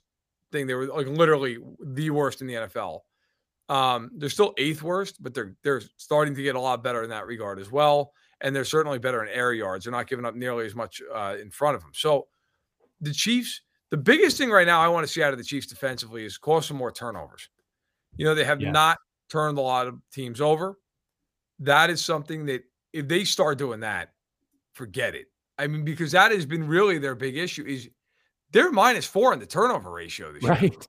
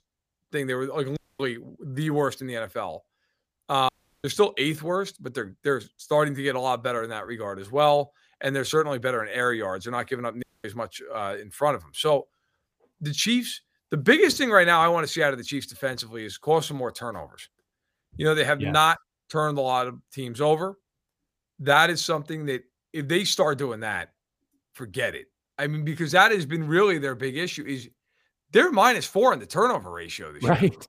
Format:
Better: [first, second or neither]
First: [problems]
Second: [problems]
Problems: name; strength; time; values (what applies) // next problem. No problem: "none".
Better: first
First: none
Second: audio cutting out; at 1 s, at 4 s and at 10 s